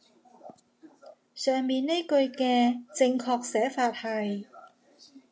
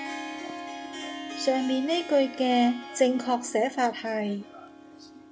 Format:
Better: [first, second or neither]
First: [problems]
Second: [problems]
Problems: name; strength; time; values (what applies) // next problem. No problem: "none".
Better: first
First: none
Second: background sound (Harp); 12 dB below the speech